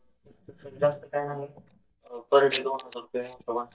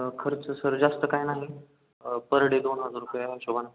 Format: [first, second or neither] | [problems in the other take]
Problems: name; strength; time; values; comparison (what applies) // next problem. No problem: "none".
second | noise reduction (neural mask model DeepFilterNet 3)